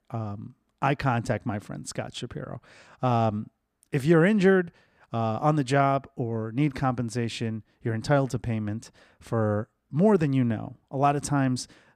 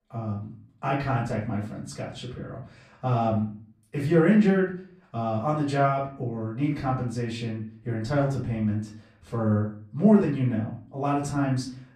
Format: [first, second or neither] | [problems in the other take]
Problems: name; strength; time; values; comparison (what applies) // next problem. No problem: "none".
first | off-mic speech; far // room echo; slight; dies away in 0.5 s